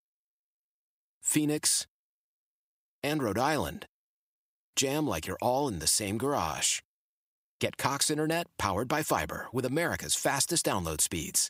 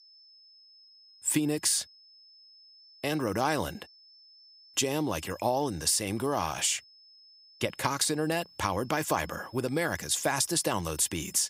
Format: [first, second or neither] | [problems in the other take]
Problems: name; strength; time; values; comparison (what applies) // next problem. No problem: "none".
first | high-pitched whine; faint; throughout; 5 kHz, 25 dB below the speech